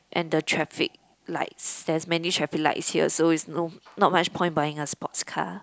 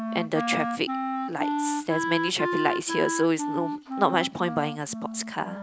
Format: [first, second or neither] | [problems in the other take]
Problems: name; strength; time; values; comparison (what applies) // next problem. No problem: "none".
first | background sound (Wind instrument, woodwind instrument); 2 dB below the speech